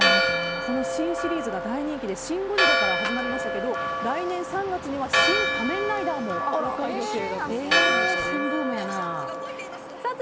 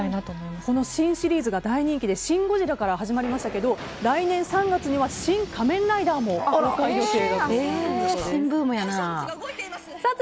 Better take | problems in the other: second | background sound (Church bell); 3 dB above the speech

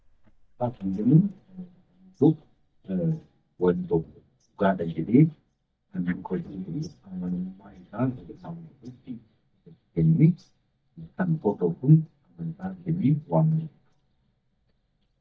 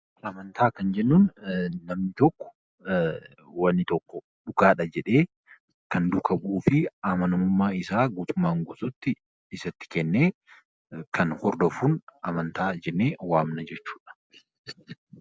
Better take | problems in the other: second | noise reduction (neural mask model DeepFilterNet 3)

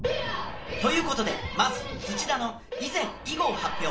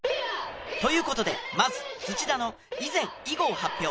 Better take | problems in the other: second | background sound (Thunder / Rain); 14 dB below the speech // room echo; dies away in 0.4 s

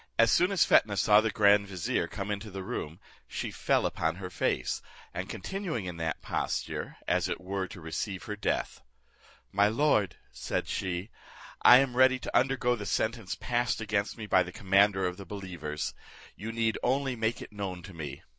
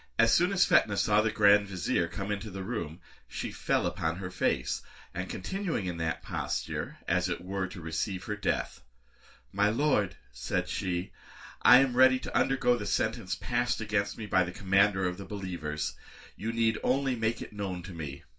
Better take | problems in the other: first | room echo; dies away in 0.2 s

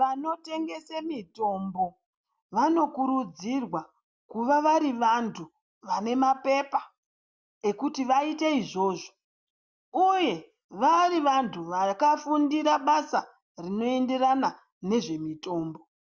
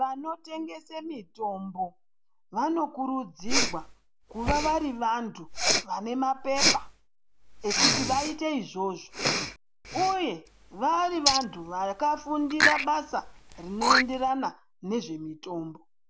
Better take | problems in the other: first | background sound (Respiratory sounds); 1 dB below the speech

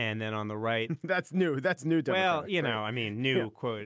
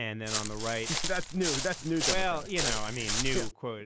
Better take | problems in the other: first | background sound (Walk, footsteps); 1 dB above the speech

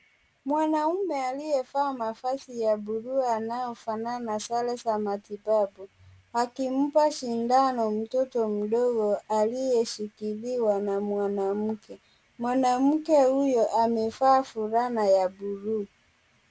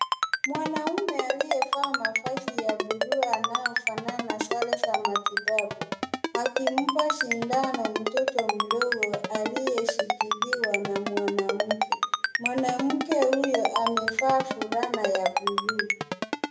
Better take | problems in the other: first | background sound (Ringtone); 1 dB above the speech // room echo; dies away in 0.7 s

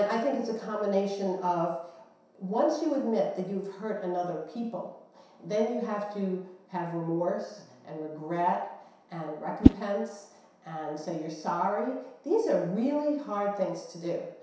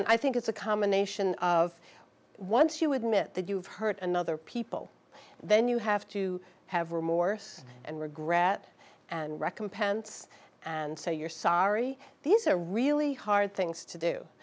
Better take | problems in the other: second | background sound (Whoosh, swoosh, swish); 3 dB above the speech // room echo; dies away in 0.7 s

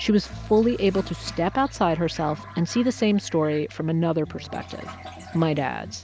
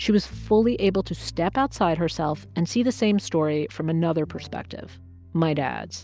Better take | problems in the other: second | background sound (Toilet flush); 20 dB below the speech

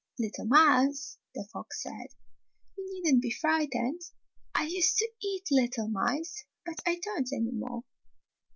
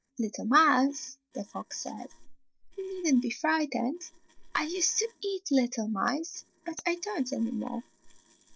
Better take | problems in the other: first | noise reduction (neural separator model SepFormer DNS4)

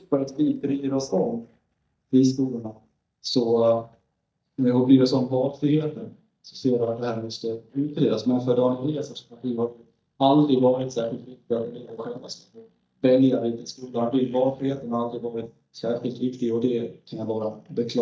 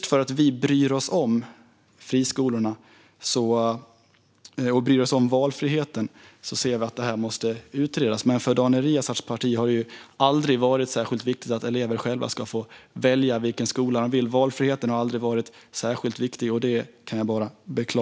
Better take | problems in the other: second | noise reduction (neural mask model DeepFilterNet 3)

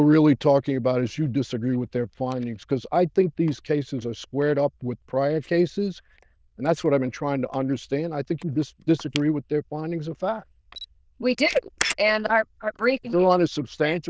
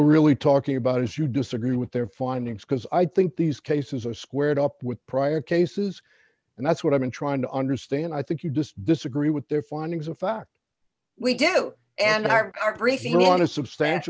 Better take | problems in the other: second | noise reduction (neural diffusion model UNIVERSE++)

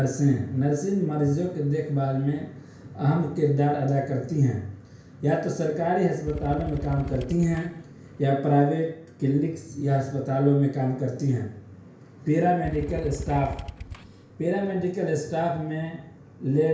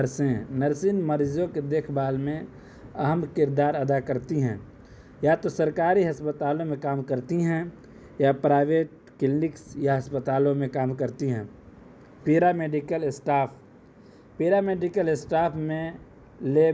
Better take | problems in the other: second | background sound (Motorcycle / Engine); 11 dB below the speech // room echo; dies away in 0.5 s

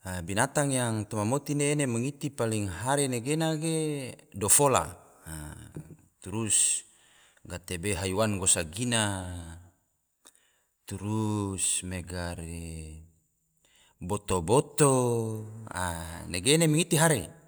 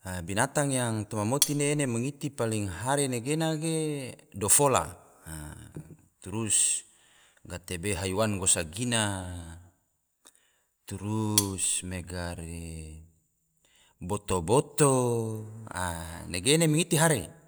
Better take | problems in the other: first | background sound (Cutlery, silverware); 3 dB below the speech

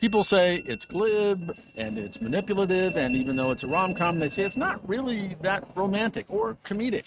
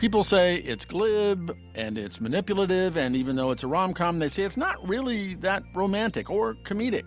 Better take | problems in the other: second | noise reduction (neural mask model RNNoise)

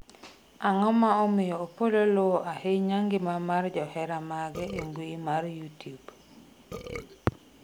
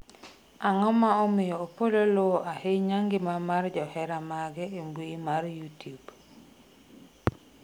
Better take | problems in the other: second | background sound (Burping, eructation); 11 dB below the speech

